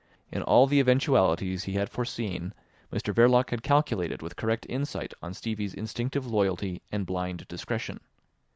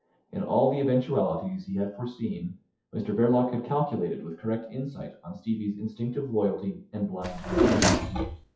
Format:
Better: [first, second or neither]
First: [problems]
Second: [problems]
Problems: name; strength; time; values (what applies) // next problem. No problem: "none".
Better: first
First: none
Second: noise reduction (classical method WPE with log-MMSE)